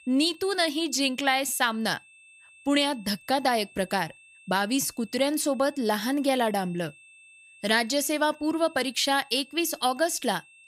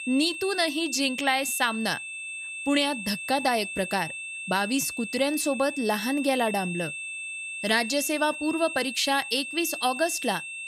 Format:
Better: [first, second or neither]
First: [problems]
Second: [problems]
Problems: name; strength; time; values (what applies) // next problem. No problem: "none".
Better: first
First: high-pitched whine; faint; throughout; 2.5 kHz, 25 dB below the speech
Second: high-pitched whine; loud; throughout; 2.5 kHz, 7 dB below the speech